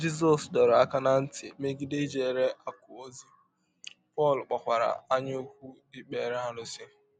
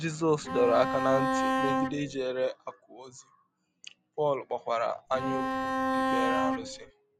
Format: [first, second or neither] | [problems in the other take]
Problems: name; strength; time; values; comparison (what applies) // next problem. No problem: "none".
first | background sound (Bowed string instrument); 2 dB above the speech